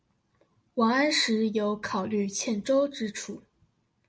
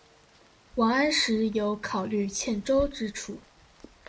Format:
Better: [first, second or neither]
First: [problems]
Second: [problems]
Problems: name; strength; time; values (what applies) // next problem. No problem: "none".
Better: first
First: none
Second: background sound (Rain); 19 dB below the speech